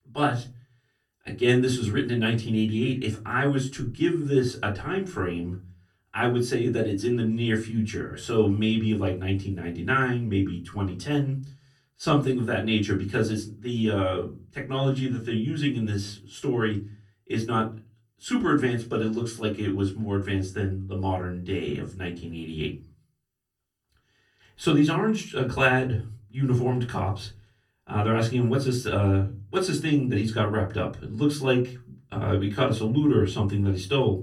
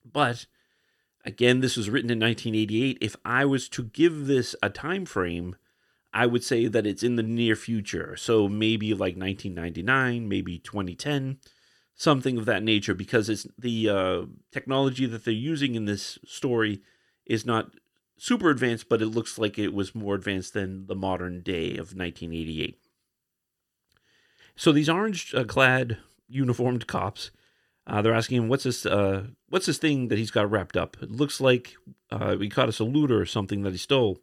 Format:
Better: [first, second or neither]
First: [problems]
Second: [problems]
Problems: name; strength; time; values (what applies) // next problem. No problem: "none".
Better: second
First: off-mic speech; far // room echo; very slight; dies away in 0.3 s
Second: none